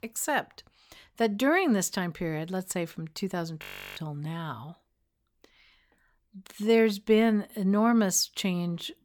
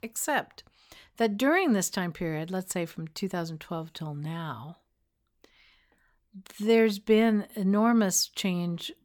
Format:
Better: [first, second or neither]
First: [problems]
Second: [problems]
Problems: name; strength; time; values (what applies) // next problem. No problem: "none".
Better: second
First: audio freezing; at 3.5 s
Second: none